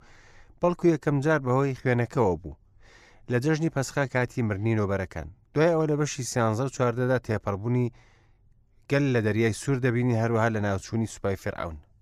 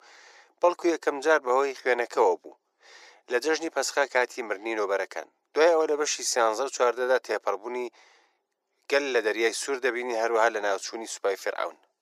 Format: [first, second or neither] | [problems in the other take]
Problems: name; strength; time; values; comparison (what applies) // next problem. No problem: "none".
first | thin; very; fading below 400 Hz